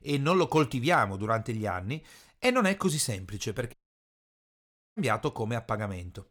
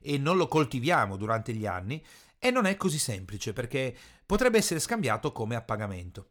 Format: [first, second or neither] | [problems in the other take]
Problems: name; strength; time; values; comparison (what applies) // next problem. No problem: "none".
second | audio cutting out; at 3.5 s for 1 s